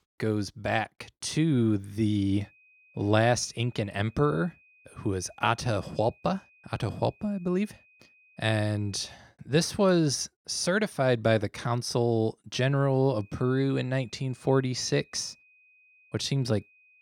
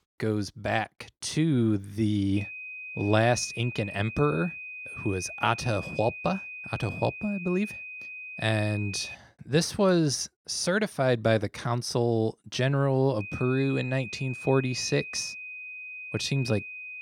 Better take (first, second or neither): first